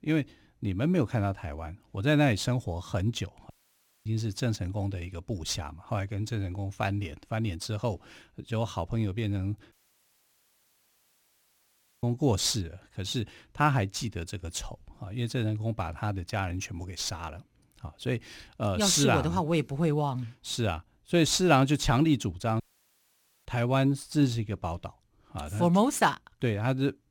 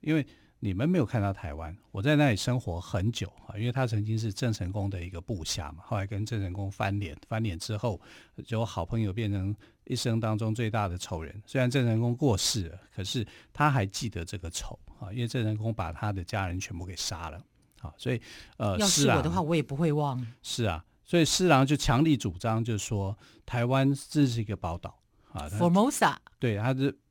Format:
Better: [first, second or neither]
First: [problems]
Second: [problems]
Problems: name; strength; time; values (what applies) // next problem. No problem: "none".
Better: second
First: audio cutting out; at 3.5 s for 0.5 s, at 9.5 s for 2.5 s and at 23 s for 1 s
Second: none